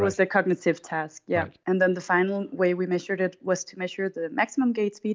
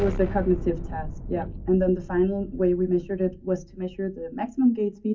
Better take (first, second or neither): first